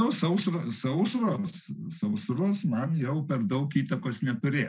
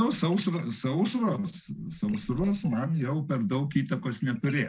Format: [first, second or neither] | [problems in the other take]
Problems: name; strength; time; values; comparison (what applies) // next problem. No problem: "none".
first | noise reduction (neural separator model SepFormer DNS4)